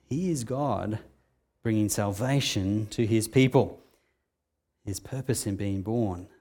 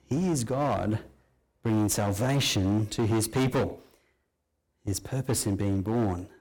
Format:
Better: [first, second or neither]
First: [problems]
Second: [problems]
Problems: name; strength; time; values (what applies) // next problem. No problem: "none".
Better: first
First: none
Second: distortion; heavy; 13% of the sound clipped